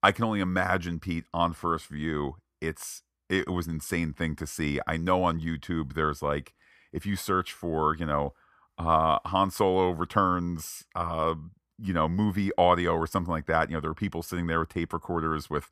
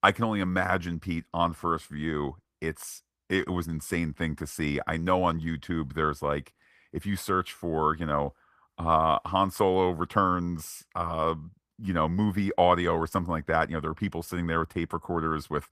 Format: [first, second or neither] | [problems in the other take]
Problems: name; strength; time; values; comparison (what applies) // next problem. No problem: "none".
first | garbled, watery; slightly; nothing above 14.5 kHz